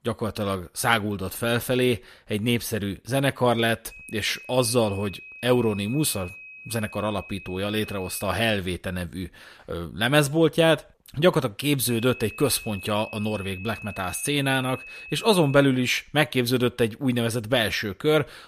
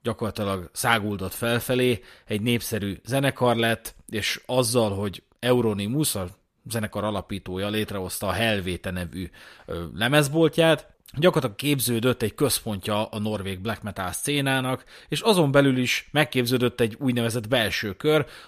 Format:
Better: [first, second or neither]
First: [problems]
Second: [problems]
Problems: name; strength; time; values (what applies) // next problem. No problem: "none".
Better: second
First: high-pitched whine; noticeable; from 4 to 8.5 s and from 12 to 16 s; 2.5 kHz, 15 dB below the speech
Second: none